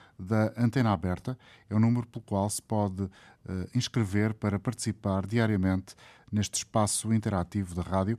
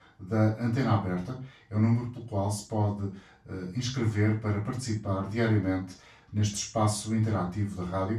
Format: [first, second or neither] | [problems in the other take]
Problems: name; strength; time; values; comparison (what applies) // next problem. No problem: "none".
first | room echo; noticeable; dies away in 0.3 s // off-mic speech; far